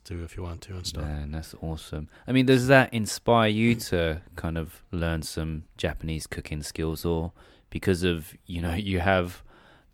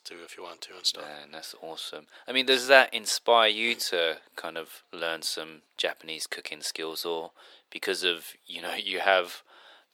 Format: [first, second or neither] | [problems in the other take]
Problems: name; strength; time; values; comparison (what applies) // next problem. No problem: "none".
first | thin; very; fading below 450 Hz